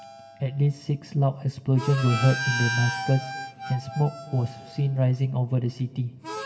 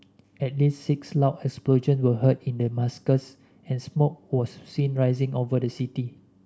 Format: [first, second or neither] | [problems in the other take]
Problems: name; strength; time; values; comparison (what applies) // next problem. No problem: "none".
second | background sound (Harmonica); 10 dB below the speech // room echo; dies away in 2.4 s